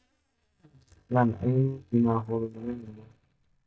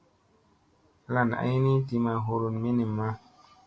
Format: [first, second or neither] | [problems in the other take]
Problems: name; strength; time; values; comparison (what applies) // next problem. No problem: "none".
second | noise reduction (neural mask model DeepFilterNet 3)